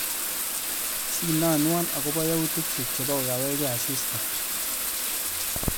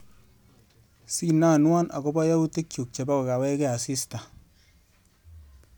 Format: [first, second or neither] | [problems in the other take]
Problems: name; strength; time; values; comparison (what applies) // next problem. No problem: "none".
second | background sound (Bathtub (filling or washing)); 2 dB above the speech